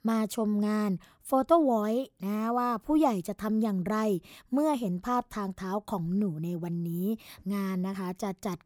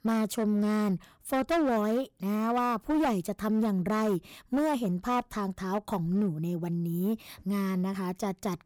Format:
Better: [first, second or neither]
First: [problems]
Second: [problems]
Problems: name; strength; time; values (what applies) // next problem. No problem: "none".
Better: first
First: none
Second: distortion; slight; 12% of the sound clipped